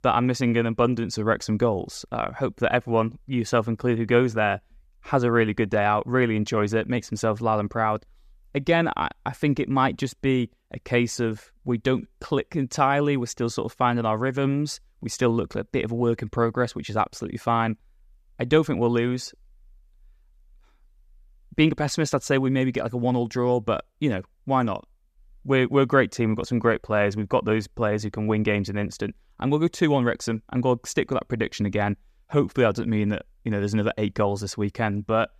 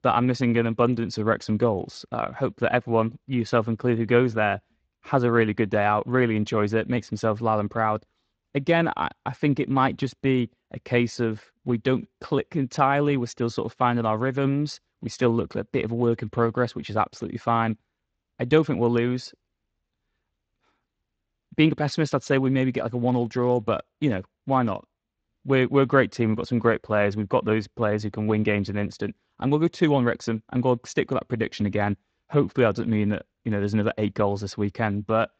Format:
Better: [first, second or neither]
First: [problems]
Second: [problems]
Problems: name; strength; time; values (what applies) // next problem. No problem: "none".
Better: first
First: none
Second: garbled, watery; slightly; nothing above 7.5 kHz